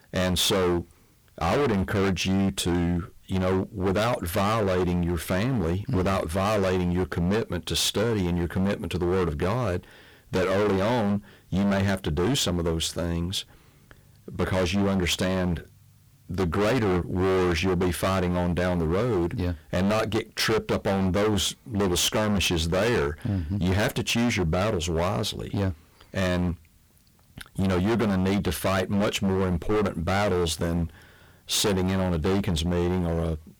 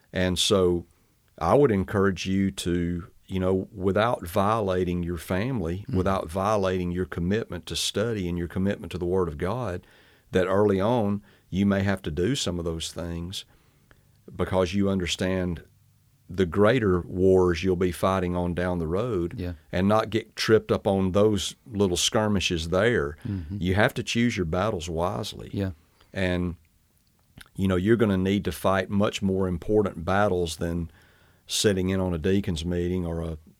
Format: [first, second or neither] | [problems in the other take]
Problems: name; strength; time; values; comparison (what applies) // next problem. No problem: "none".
second | distortion; heavy; 24% of the sound clipped